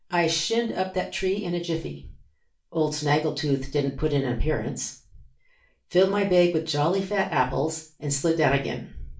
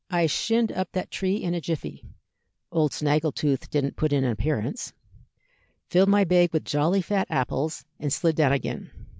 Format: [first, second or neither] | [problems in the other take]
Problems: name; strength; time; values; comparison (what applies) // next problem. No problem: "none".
second | room echo; dies away in 0.3 s